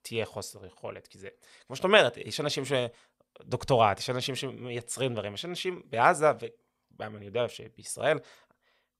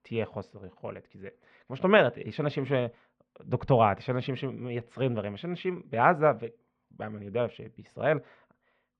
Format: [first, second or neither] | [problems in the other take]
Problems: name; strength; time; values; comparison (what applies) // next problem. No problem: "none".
first | muffled; very; fading above 2.5 kHz